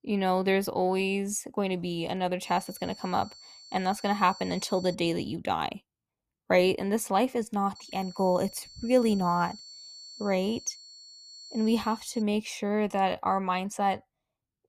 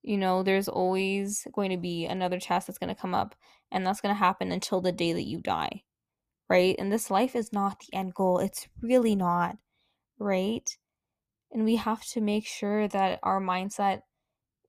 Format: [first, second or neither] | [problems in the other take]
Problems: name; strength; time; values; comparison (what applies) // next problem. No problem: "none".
second | high-pitched whine; noticeable; from 2.5 to 5 s and from 8 to 12 s; 4.5 kHz, 15 dB below the speech